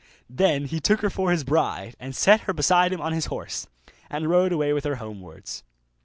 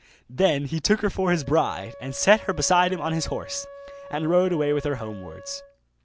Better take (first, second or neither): first